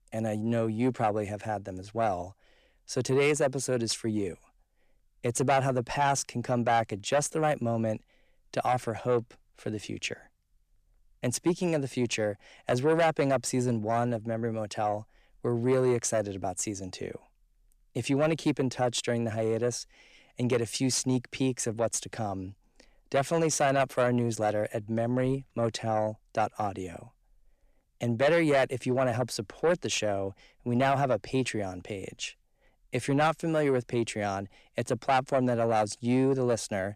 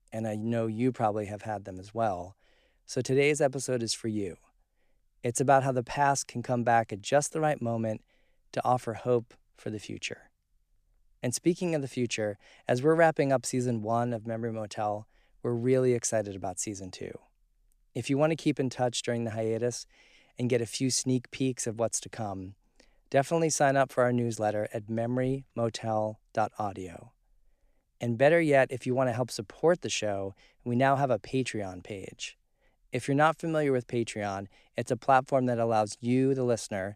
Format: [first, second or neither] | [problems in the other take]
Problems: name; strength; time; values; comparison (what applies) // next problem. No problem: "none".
second | distortion; slight; 10 dB below the speech